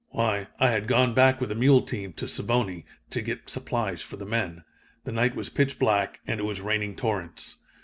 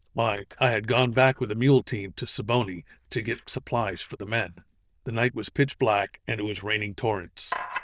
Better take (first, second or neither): first